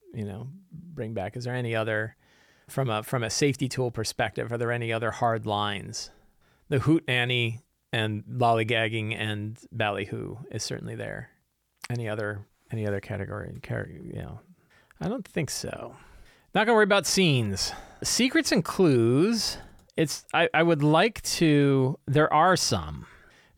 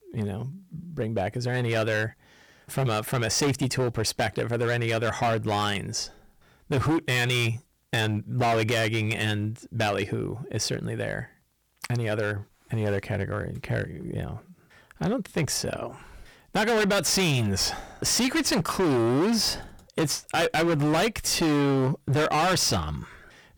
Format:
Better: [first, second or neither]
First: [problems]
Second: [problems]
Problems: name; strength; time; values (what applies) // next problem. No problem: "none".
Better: first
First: none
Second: distortion; heavy; 15% of the sound clipped